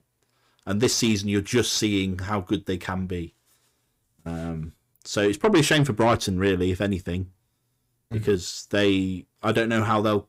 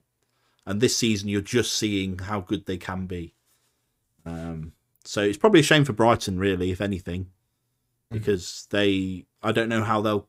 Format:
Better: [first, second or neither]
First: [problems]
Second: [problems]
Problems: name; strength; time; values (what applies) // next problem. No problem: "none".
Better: second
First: distortion; slight; 10 dB below the speech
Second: none